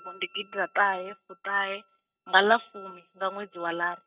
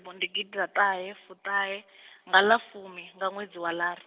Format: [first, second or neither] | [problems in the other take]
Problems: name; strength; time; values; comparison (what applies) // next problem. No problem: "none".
second | noise reduction (neural mask model RNNoise)